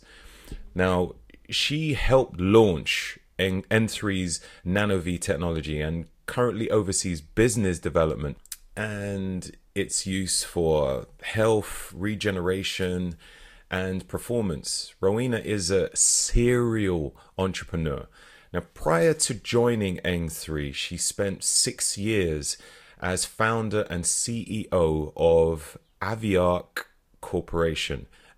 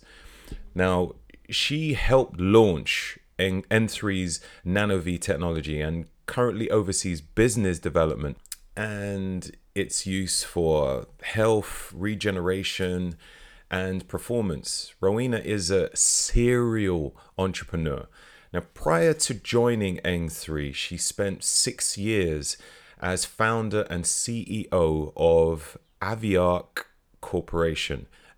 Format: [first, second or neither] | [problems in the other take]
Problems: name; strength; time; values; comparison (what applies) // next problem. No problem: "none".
second | garbled, watery; slightly; nothing above 15 kHz